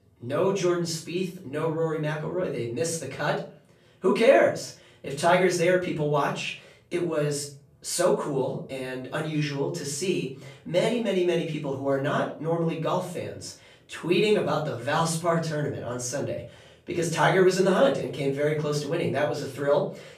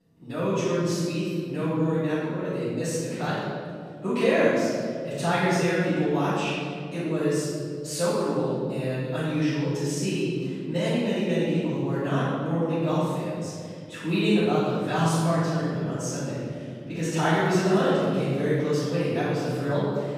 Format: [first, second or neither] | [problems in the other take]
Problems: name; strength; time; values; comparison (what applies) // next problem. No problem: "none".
first | room echo; strong; dies away in 2.4 s; slight in the first // off-mic speech; far; far in the first